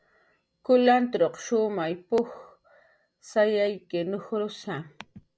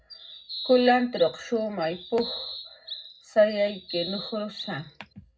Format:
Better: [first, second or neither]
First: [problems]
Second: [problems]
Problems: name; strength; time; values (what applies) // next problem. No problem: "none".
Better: first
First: none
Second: background sound (Bird vocalization, bird call, bird song); 13 dB below the speech // room echo; dies away in 0.3 s